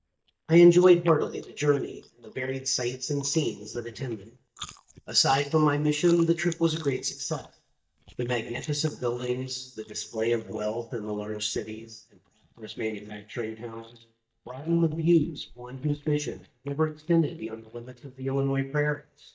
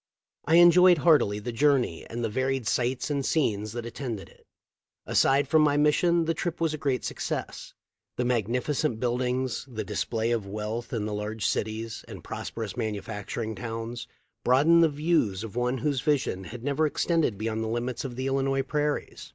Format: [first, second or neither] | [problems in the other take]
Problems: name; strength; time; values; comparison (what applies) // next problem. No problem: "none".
second | noise reduction (neural mask model DeepFilterNet 3)